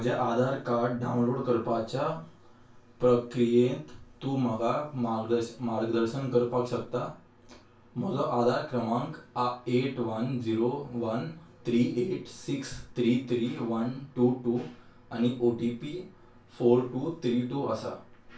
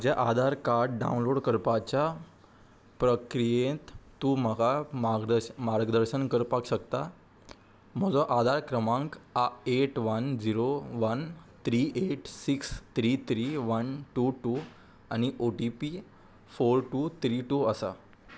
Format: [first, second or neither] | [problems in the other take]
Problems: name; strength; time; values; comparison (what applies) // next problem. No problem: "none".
second | room echo; dies away in 0.2 s